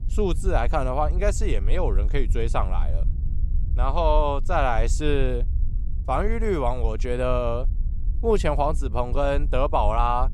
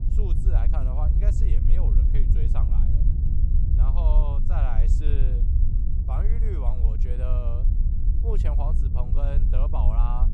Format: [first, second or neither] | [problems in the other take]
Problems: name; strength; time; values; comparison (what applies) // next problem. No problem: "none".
first | low rumble; loud; throughout; 3 dB below the speech; faint in the first